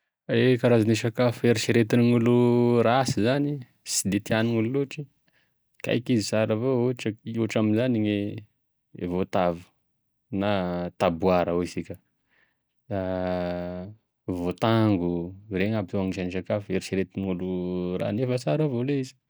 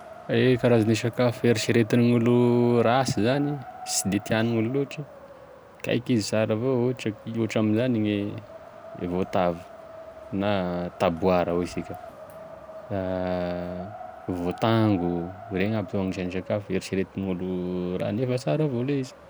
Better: first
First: none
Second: background sound (Wind); 17 dB below the speech

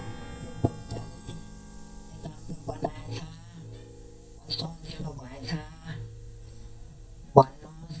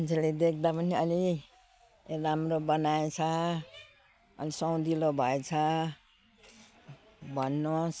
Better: second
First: noise reduction (neural mask model DeepFilterNet 3)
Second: none

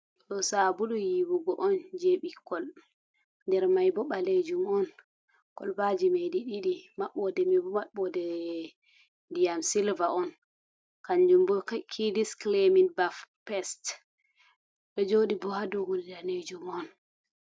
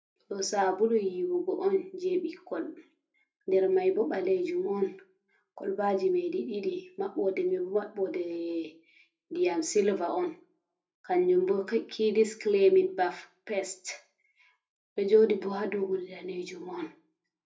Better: first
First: none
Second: room echo; dies away in 0.3 s

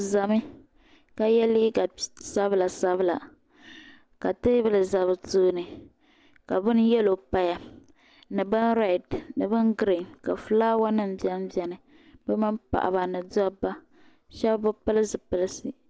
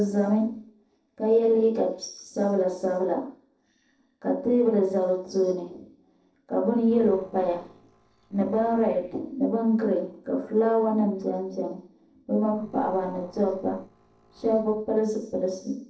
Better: first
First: none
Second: noise reduction (neural separator model SepFormer DNS4)

